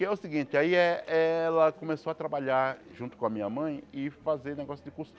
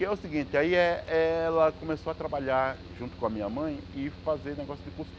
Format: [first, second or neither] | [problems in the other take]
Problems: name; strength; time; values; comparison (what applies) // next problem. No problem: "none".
first | background sound (Mechanical fan); 16 dB below the speech